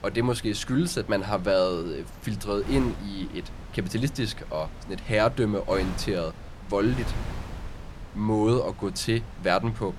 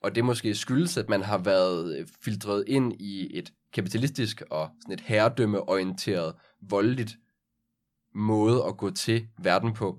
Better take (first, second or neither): second